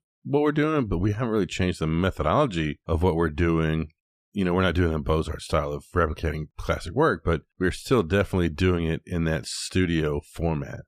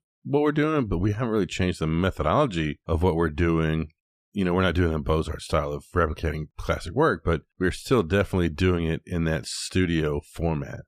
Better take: neither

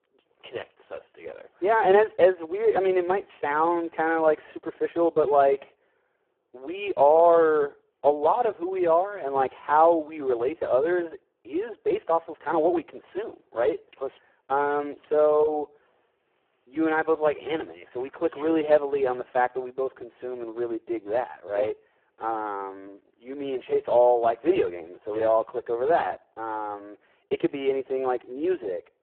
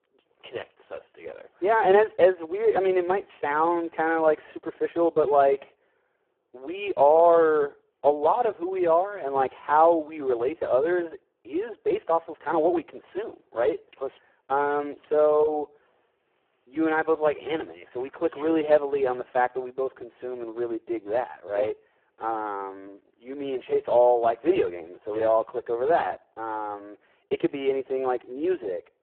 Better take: neither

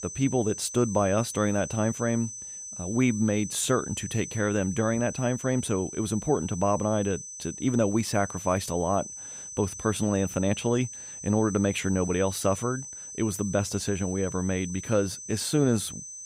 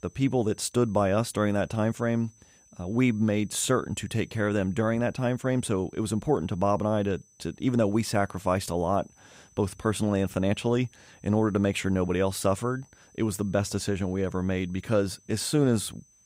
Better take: second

